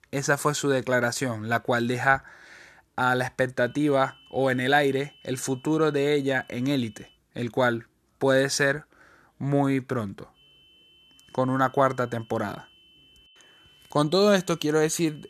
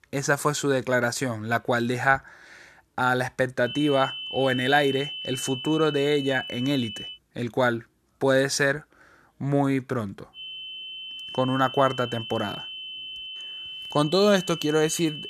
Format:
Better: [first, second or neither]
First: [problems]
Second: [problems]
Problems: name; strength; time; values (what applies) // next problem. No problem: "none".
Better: first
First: high-pitched whine; faint; from 3.5 to 7 s and from 10 s on; 3 kHz, 30 dB below the speech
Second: high-pitched whine; loud; from 3.5 to 7 s and from 10 s on; 3 kHz, 9 dB below the speech